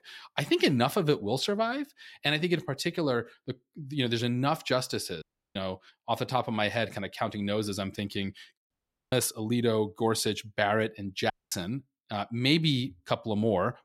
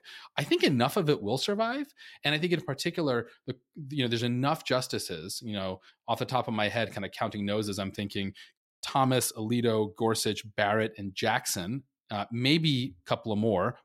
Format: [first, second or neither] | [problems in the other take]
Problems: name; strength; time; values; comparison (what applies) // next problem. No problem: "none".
second | audio cutting out; at 5 s, at 8.5 s and at 11 s